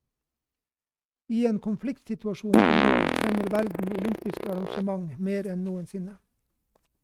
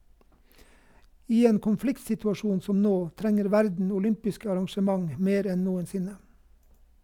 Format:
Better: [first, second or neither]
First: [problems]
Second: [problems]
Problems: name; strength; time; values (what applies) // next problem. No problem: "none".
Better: second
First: noise reduction (neural mask model RNNoise)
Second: none